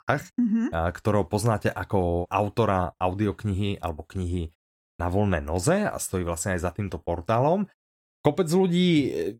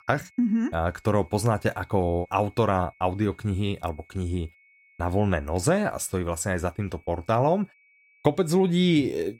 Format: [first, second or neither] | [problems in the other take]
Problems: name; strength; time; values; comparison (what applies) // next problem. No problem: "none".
first | high-pitched whine; faint; throughout; 2 kHz, 30 dB below the speech